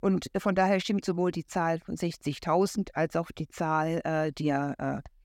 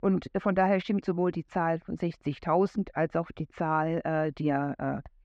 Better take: first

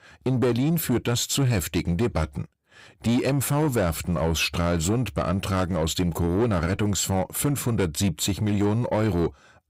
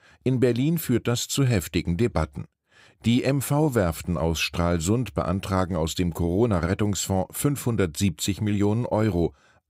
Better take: second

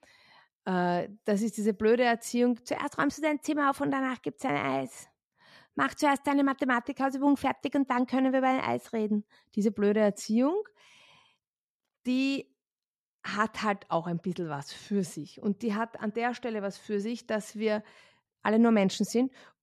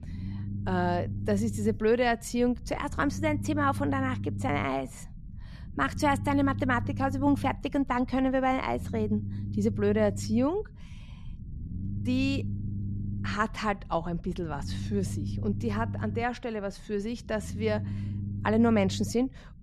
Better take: first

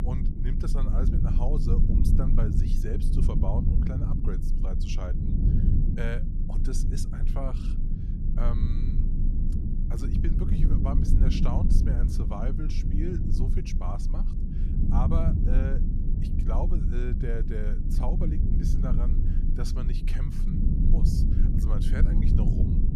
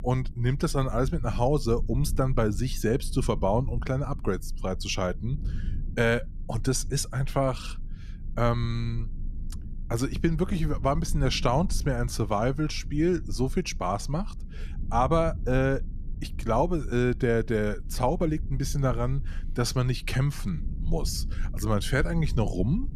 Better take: second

